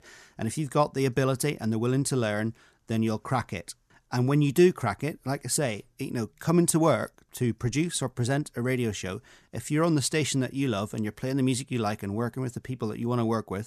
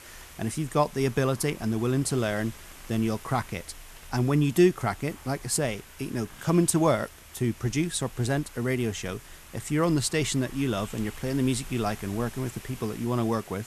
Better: first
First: none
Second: hiss; noticeable; throughout; 20 dB below the speech

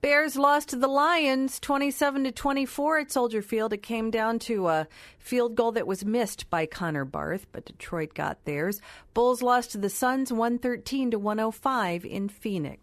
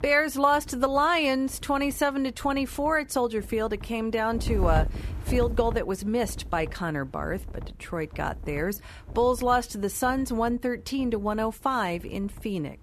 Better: first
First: none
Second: wind noise on the microphone; occasional gusts; 20 dB below the speech

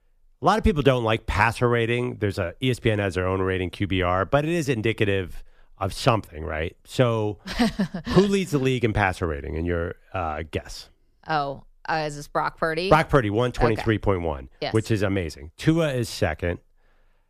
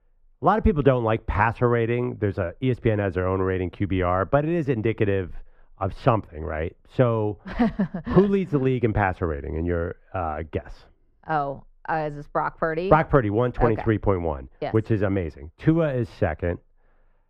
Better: first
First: none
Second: muffled; very; fading above 3.5 kHz

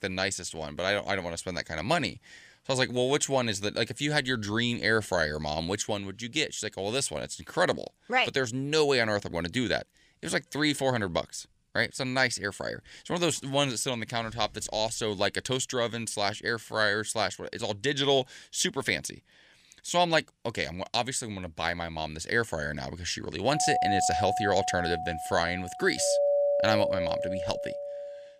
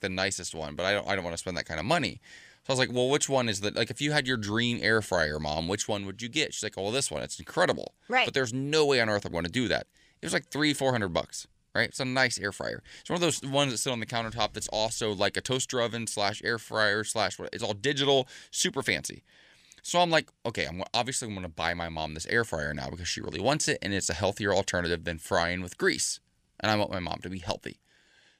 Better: second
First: doorbell; loud; from 24 s on; peak 4 dB above the speech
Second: none

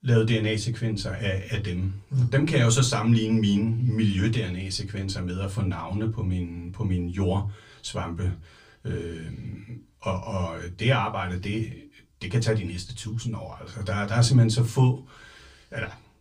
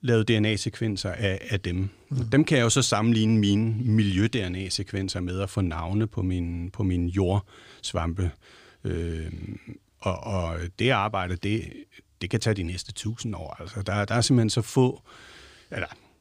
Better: second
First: off-mic speech; far // room echo; very slight; dies away in 0.2 s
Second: none

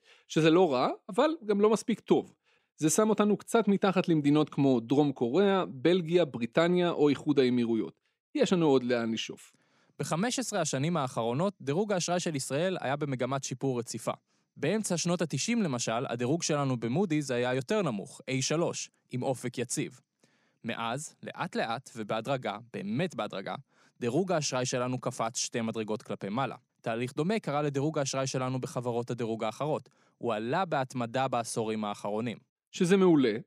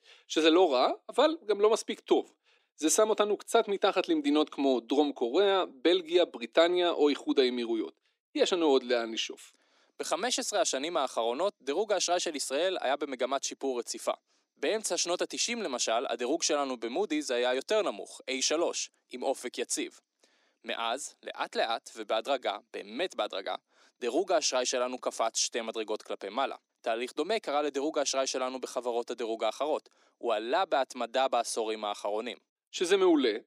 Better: first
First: none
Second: thin; somewhat; fading below 300 Hz

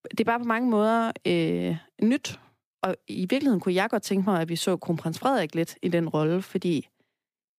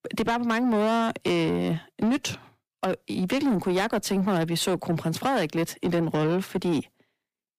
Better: first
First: none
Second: distortion; slight; 10 dB below the speech

